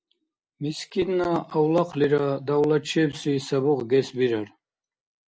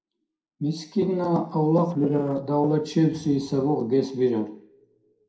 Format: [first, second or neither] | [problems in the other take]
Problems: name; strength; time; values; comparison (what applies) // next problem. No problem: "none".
first | noise reduction (neural separator model SepFormer DNS4)